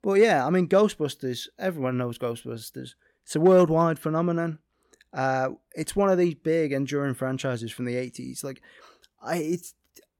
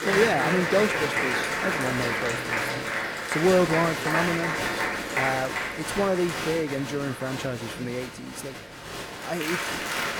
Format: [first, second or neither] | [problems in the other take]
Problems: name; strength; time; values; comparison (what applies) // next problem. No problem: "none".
first | crowd noise; very loud; throughout; 1 dB above the speech